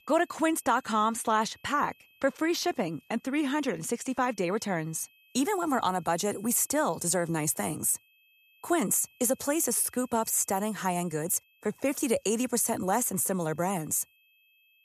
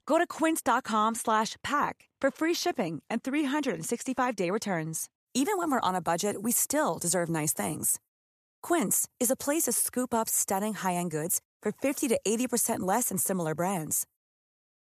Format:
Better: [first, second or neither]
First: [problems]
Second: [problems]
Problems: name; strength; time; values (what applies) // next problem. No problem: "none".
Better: second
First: high-pitched whine; faint; throughout; 2.5 kHz, 30 dB below the speech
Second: none